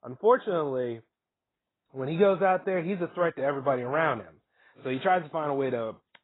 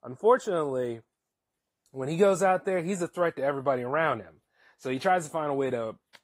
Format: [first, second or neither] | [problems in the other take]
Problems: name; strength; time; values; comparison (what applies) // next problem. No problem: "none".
second | garbled, watery; badly; nothing above 4 kHz; slightly in the second